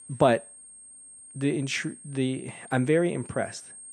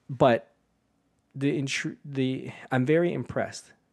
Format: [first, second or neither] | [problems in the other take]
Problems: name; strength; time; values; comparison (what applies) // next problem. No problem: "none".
second | high-pitched whine; noticeable; throughout; 8.5 kHz, 15 dB below the speech